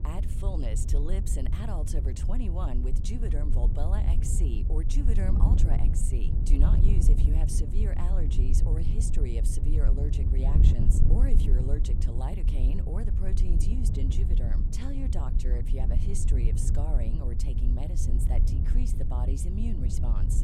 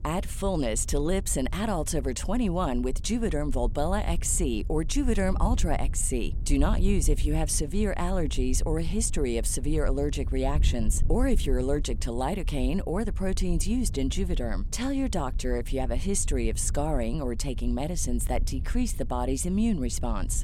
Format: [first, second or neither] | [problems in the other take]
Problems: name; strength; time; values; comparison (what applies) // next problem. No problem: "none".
second | wind noise on the microphone; heavy; 2 dB below the speech; occasional gusts in the second